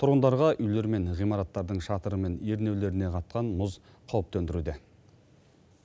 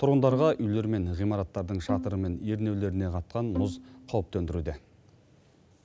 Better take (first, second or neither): first